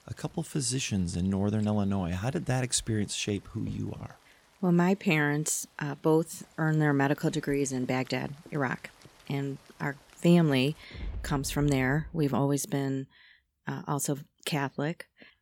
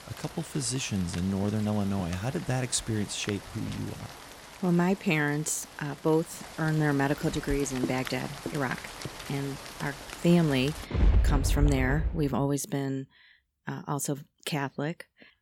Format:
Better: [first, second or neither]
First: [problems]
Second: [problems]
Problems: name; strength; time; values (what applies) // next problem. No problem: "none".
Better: first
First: rain or running water; faint; until 12 s; 20 dB below the speech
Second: rain or running water; loud; until 12 s; 6 dB below the speech